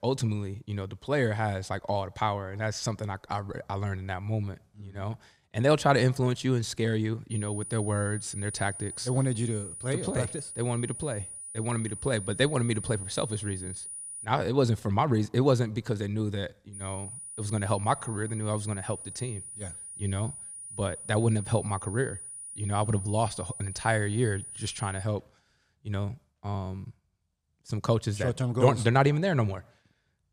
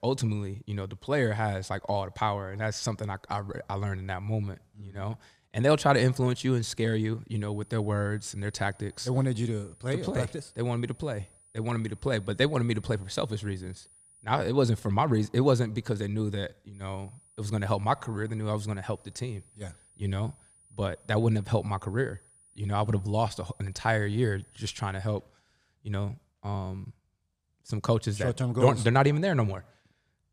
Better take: second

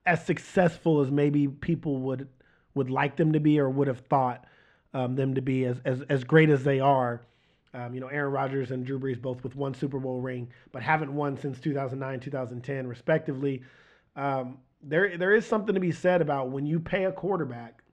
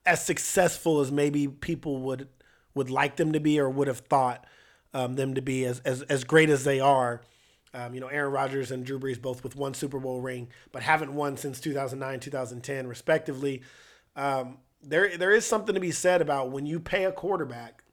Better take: second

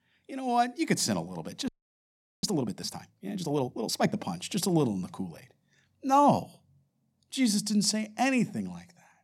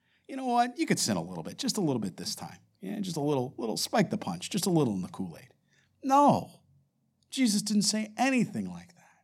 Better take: second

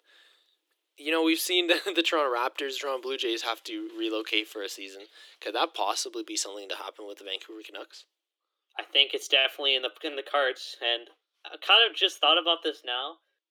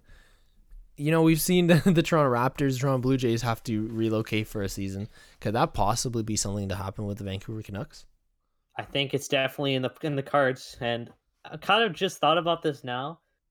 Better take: second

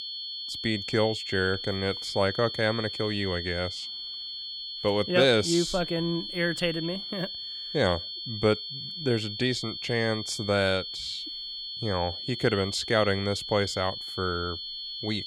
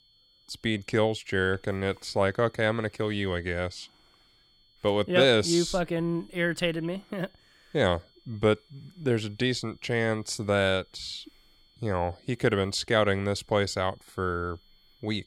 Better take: second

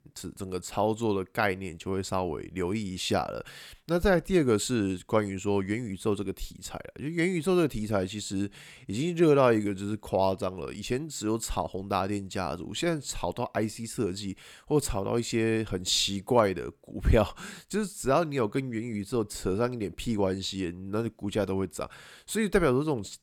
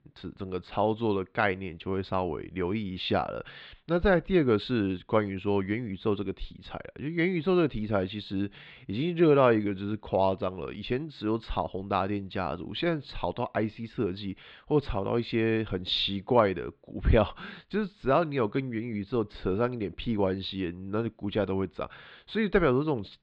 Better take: first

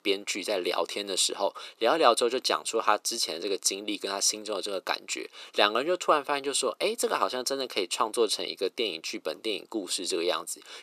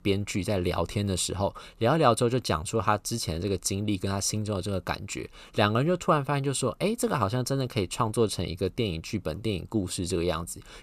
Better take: second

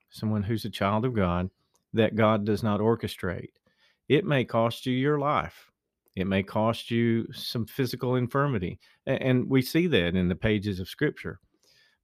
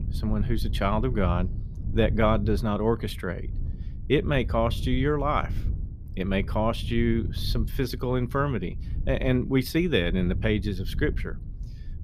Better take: first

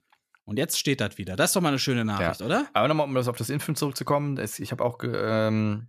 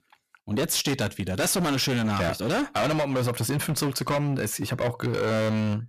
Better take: first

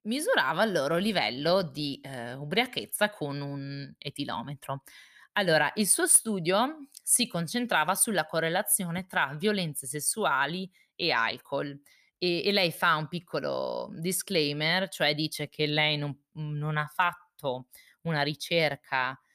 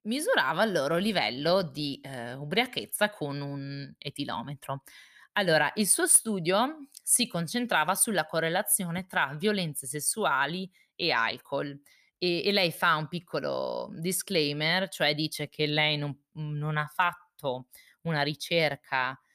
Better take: neither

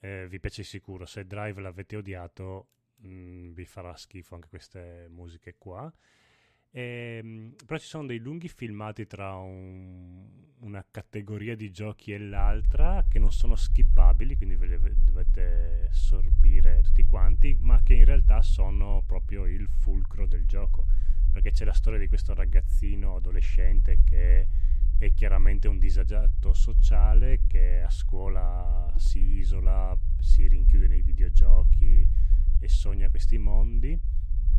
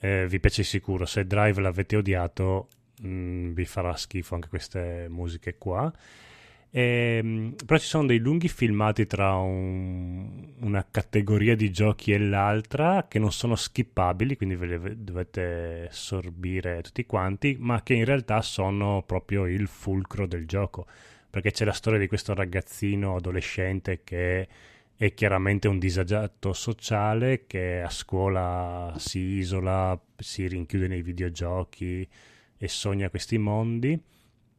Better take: second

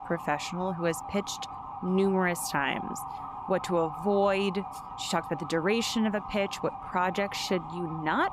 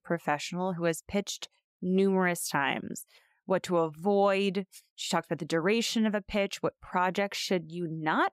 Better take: second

